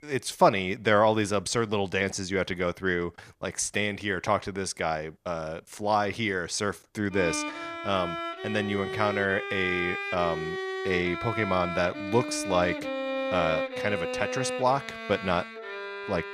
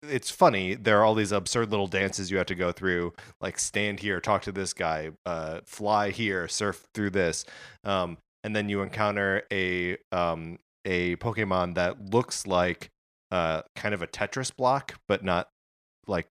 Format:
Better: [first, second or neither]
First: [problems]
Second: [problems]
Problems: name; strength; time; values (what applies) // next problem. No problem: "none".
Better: second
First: background music; loud; throughout; 5 dB below the speech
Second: none